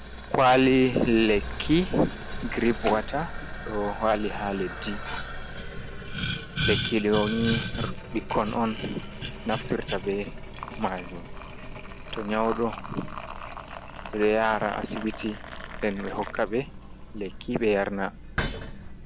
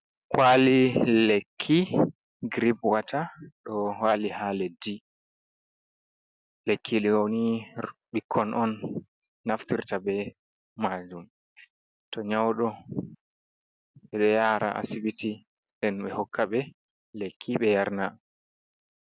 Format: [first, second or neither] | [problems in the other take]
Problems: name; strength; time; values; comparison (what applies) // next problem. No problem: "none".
second | background sound (Boiling); 7 dB below the speech